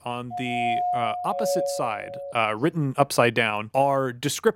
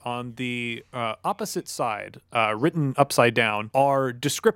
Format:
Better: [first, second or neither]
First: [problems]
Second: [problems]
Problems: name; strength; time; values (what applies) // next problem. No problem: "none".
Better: second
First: doorbell; loud; until 2.5 s; peak level with the speech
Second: none